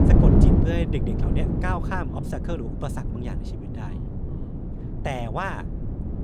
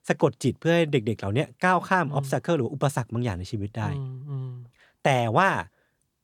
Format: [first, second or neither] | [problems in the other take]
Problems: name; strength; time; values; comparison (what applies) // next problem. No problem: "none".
second | wind noise on the microphone; heavy; 1 dB below the speech